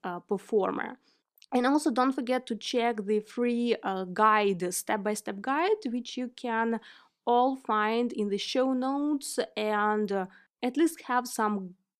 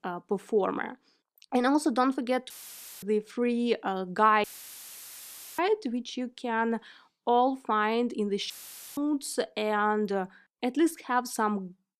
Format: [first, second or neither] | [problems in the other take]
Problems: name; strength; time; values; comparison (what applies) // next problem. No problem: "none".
first | audio cutting out; filled with static; at 2.5 s for 0.5 s, at 4.5 s for 1 s and at 8.5 s